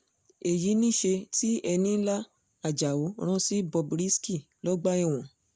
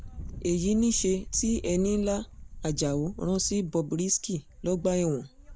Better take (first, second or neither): first